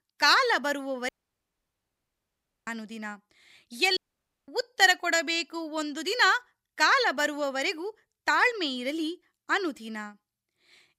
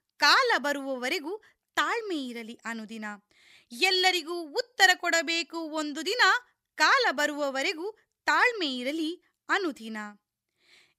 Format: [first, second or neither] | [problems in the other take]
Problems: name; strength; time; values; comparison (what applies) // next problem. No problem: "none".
second | audio cutting out; at 1 s for 1.5 s and at 4 s for 0.5 s